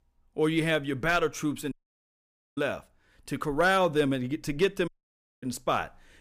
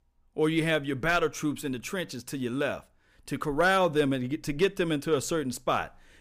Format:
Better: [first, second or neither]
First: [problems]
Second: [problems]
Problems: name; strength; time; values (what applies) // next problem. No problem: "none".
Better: second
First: audio cutting out; at 1.5 s for 1 s and at 5 s for 0.5 s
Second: none